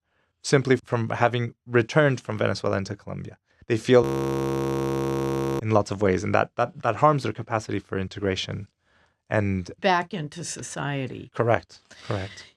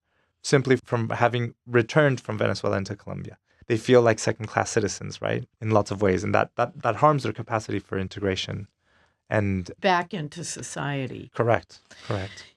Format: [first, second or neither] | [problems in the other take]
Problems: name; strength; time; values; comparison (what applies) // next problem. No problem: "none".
second | audio freezing; at 4 s for 1.5 s